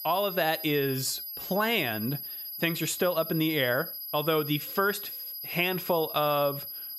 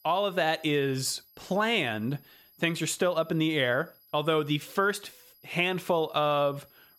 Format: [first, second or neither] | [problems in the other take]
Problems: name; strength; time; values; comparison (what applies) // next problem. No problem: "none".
second | high-pitched whine; loud; throughout; 11.5 kHz, 7 dB below the speech; faint in the second